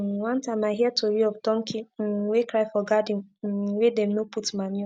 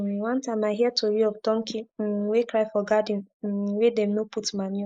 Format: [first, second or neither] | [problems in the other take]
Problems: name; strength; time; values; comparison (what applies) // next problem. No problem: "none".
first | noise reduction (neural mask model Resemble Enhance denoiser)